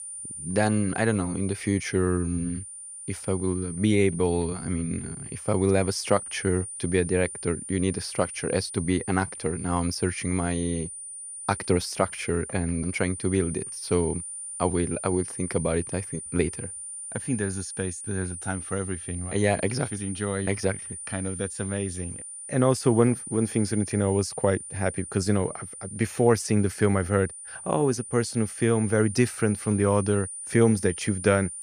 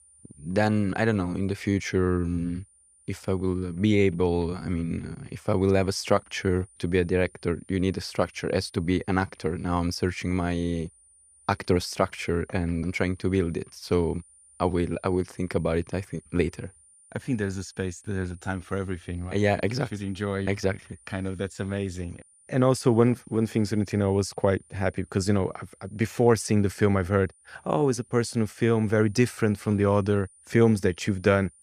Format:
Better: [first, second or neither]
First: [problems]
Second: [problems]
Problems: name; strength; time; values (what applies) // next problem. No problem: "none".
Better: second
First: high-pitched whine; loud; throughout; 9 kHz, 9 dB below the speech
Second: high-pitched whine; faint; throughout; 9 kHz, 30 dB below the speech